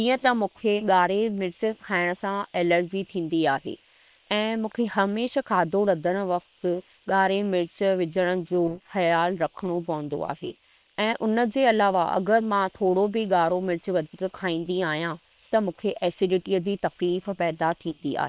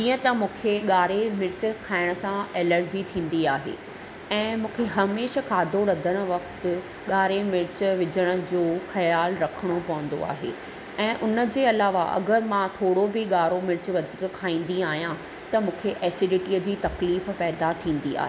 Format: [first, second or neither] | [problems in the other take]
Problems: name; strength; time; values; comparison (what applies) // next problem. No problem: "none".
second | noise reduction (neural separator model SepFormer WHAM!)